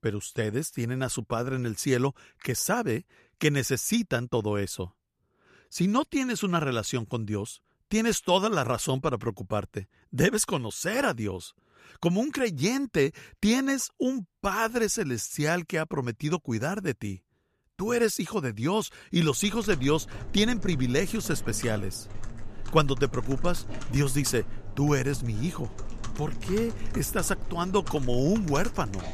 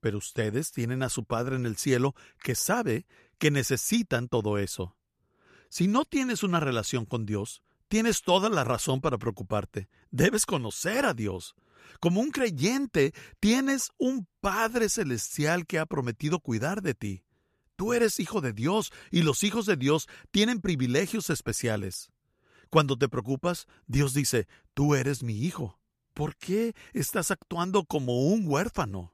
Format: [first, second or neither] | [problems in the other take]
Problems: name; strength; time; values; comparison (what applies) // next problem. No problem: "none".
second | household noises; noticeable; from 19 s on; 15 dB below the speech